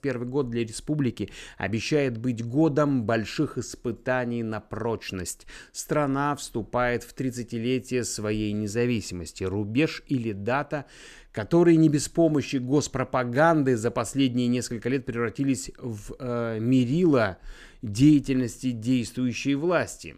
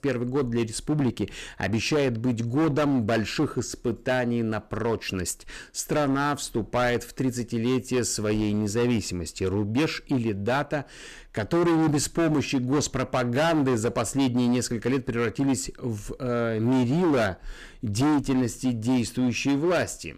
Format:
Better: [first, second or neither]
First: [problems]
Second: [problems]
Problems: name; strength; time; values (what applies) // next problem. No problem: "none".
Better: first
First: none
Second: distortion; heavy; 14% of the sound clipped